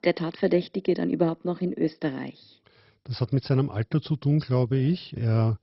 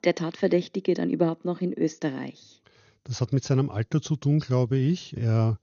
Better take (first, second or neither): second